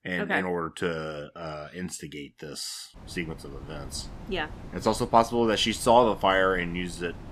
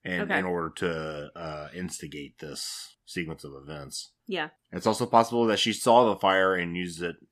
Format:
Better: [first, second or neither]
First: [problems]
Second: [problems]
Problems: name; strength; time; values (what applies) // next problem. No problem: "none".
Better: second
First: wind noise on the microphone; occasional gusts; from 3 s on; 25 dB below the speech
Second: none